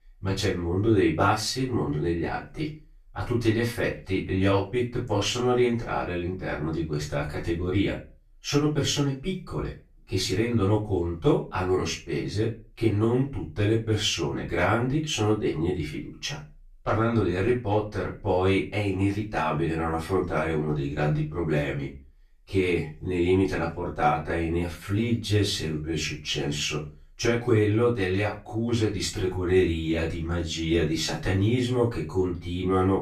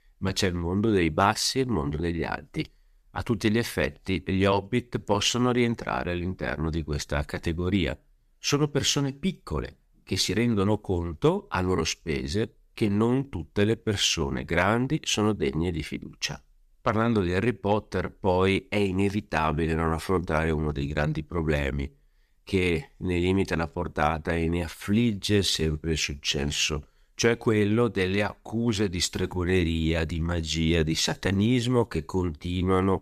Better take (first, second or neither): second